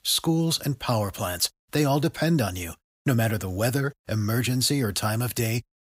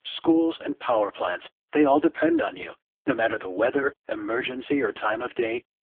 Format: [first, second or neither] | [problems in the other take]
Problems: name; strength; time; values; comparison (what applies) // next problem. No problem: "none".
first | phone-call audio; poor line; nothing above 3.5 kHz